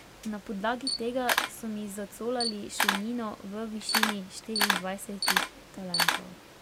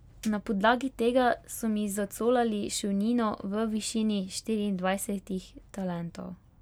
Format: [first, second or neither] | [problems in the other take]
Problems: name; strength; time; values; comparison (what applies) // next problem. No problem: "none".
second | background sound (Camera); 3 dB above the speech